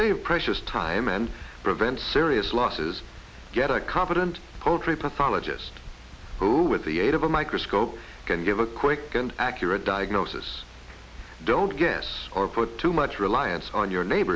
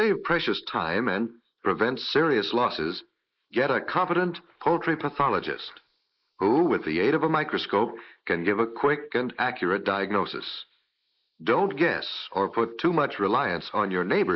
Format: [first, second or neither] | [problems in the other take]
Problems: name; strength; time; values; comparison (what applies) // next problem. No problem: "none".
first | noise reduction (neural mask model Resemble Enhance denoiser)